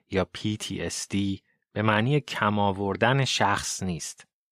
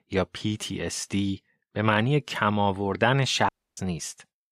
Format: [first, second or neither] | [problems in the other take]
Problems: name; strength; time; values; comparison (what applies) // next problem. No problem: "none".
first | audio cutting out; at 3.5 s